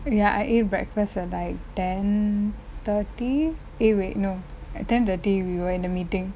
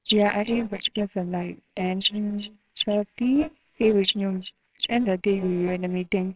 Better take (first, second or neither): first